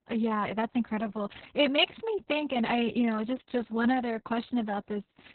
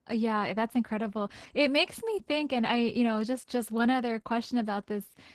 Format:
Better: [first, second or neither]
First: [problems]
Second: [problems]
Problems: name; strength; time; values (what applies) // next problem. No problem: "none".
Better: second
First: garbled, watery; badly; nothing above 4 kHz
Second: garbled, watery; slightly; nothing above 13.5 kHz